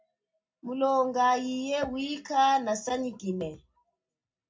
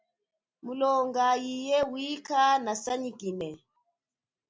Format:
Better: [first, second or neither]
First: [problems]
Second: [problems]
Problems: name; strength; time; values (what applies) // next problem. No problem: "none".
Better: second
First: room echo; dies away in 0.4 s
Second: none